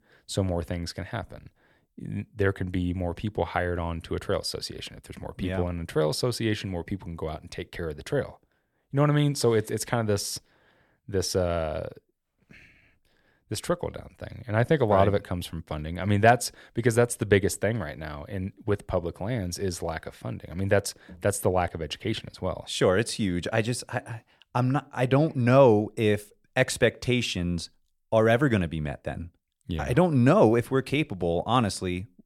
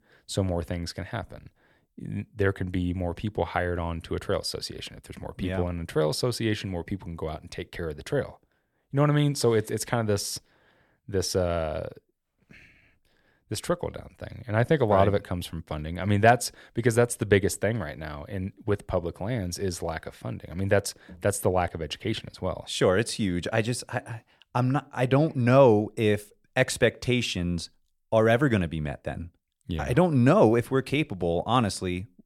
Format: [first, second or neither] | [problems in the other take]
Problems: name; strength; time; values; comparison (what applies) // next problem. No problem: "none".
neither | none